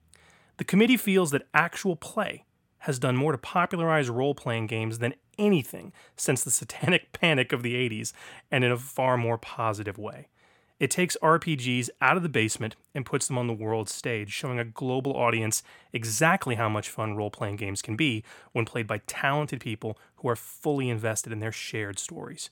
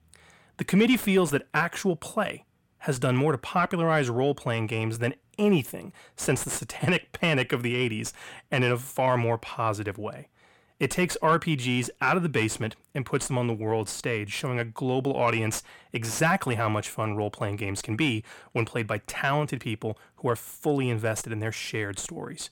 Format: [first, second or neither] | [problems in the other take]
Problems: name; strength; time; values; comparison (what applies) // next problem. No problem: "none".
first | distortion; slight; 10 dB below the speech